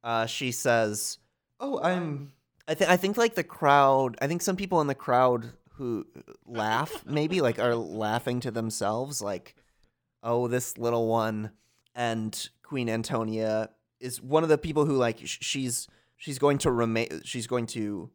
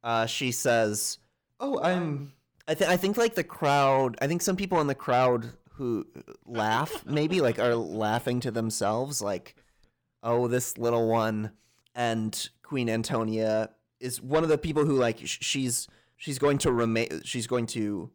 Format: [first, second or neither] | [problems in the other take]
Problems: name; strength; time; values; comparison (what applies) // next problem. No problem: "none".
first | distortion; slight; 10 dB below the speech